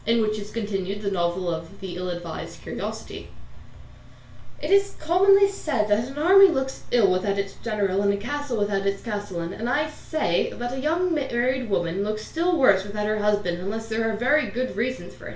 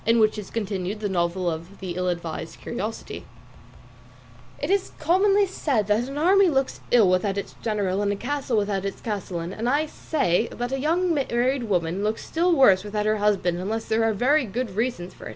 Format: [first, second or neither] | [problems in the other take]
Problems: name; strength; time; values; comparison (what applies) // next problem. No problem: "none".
second | room echo; dies away in 0.4 s